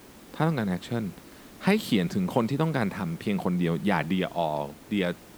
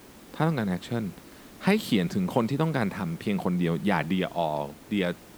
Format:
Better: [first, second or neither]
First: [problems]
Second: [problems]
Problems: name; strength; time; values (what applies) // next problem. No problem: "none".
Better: neither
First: hiss; faint; throughout; 20 dB below the speech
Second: hiss; faint; throughout; 20 dB below the speech